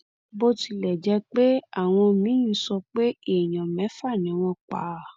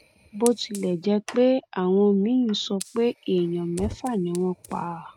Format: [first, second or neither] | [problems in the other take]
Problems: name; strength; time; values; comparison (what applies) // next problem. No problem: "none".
first | noise reduction (neural mask model RNNoise)